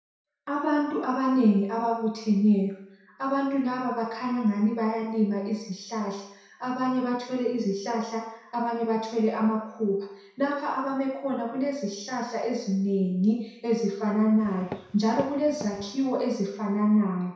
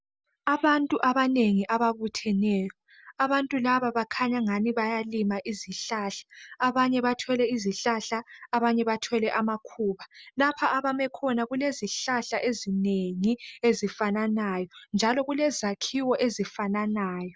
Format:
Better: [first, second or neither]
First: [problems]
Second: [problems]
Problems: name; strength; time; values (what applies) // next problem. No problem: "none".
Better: second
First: background sound (Walk, footsteps); 14 dB below the speech // room echo; dies away in 0.7 s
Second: none